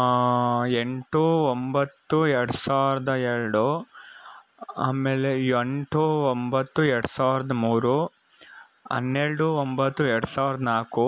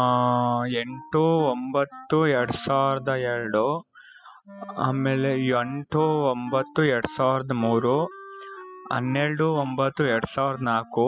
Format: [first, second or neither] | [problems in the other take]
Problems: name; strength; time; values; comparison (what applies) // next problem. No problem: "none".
first | noise reduction (classical method spectral subtraction)